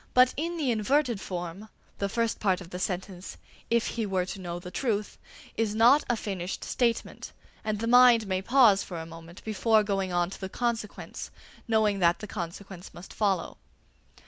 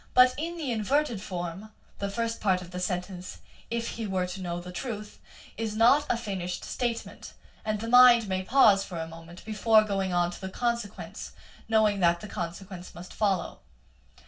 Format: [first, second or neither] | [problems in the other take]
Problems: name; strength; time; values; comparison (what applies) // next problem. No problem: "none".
first | room echo; dies away in 0.2 s